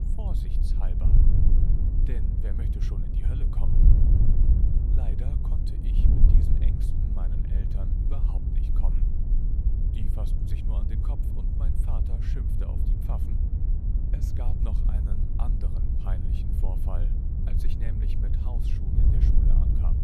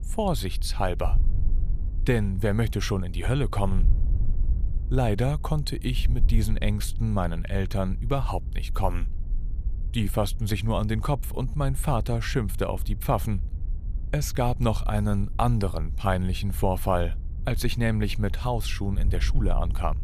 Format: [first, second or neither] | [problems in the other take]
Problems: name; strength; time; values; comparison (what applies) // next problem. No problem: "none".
second | wind noise on the microphone; heavy; 4 dB above the speech; occasional gusts in the second